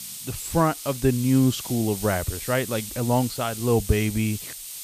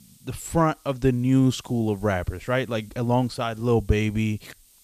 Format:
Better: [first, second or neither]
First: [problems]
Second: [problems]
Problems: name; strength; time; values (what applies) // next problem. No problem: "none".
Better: second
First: hiss; loud; throughout; 9 dB below the speech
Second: hiss; faint; throughout; 30 dB below the speech